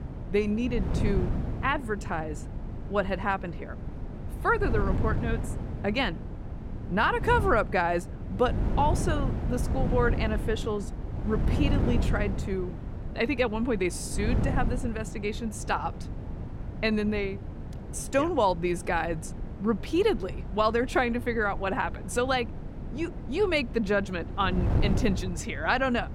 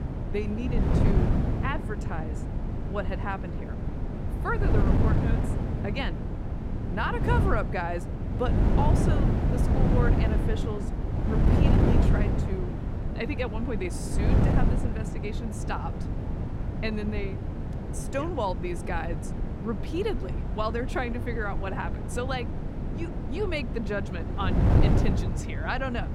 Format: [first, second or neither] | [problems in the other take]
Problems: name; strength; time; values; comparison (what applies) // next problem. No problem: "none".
first | wind noise on the microphone; heavy; 3 dB below the speech; occasional gusts in the first